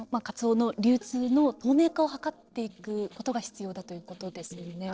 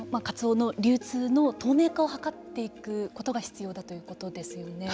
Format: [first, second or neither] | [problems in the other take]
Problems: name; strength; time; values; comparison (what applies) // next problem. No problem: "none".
second | noise reduction (neural separator model SepFormer DNS4)